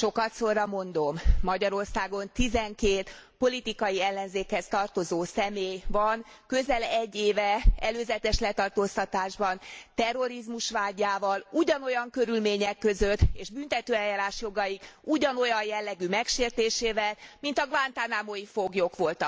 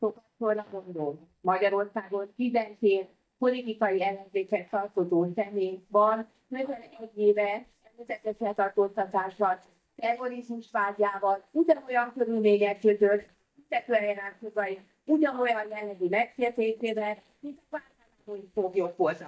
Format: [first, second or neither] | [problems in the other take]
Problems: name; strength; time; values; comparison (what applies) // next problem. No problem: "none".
first | noise reduction (neural mask model DeepFilterNet 3)